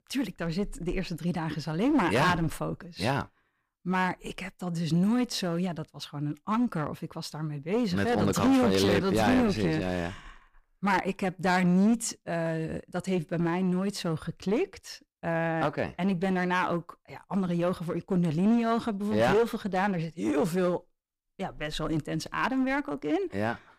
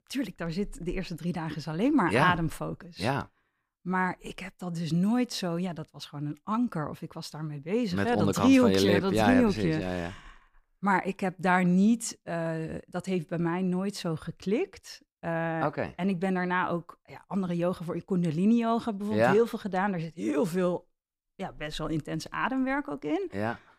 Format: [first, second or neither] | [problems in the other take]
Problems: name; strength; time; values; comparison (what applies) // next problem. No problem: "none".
second | distortion; slight; 8% of the sound clipped